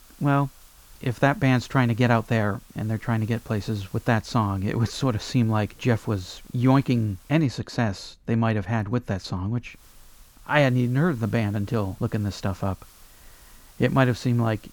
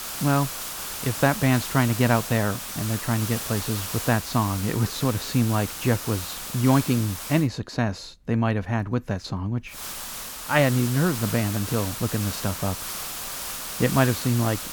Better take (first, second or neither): first